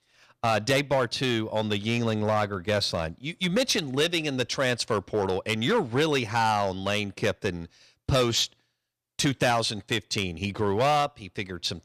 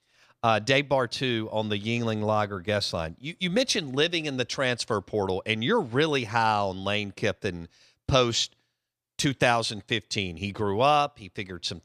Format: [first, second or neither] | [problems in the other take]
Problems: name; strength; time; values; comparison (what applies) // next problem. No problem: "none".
second | distortion; slight; 5% of the sound clipped